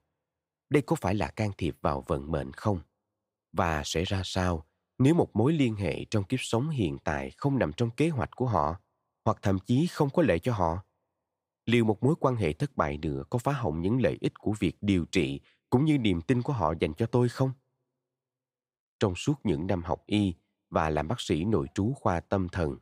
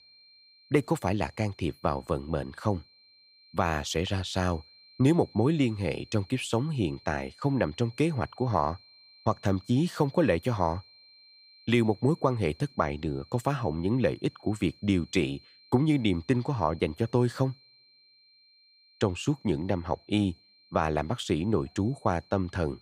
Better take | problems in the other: first | high-pitched whine; faint; throughout; 4 kHz, 25 dB below the speech

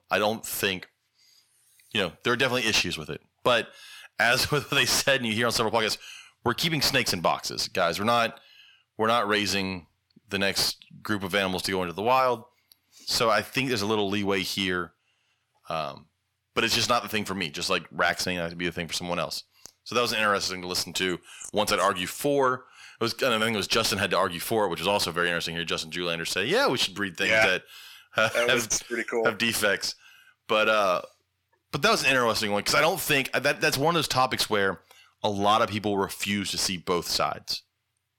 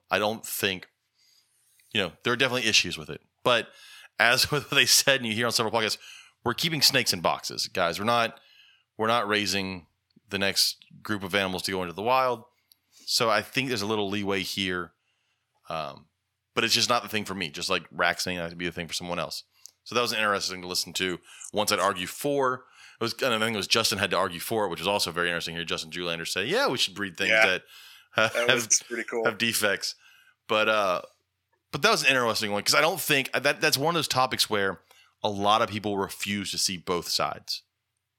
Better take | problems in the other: second | distortion; slight; 10 dB below the speech

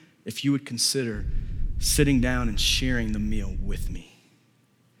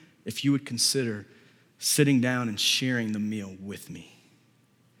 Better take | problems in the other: second | low rumble; faint; from 1 to 4 s; 25 dB below the speech

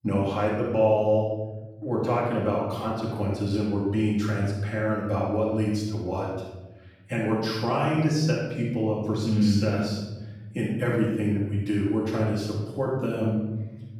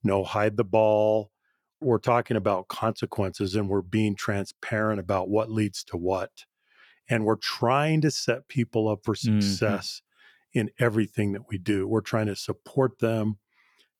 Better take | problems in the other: second | off-mic speech; far // room echo; noticeable; dies away in 1.5 s

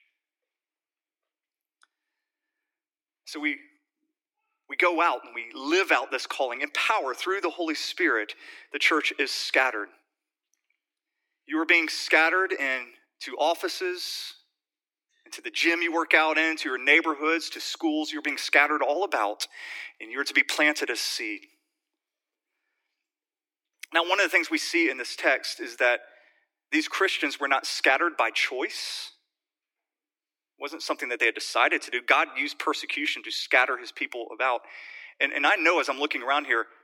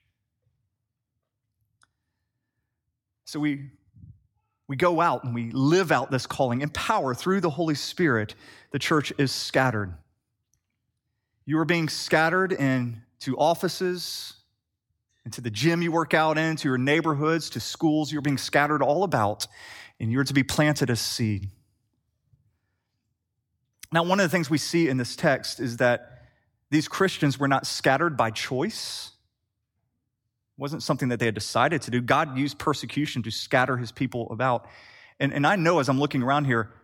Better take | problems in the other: second | thin; very; fading below 300 Hz

